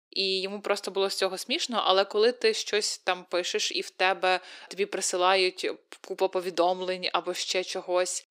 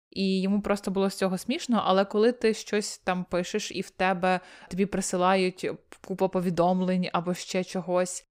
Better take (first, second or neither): second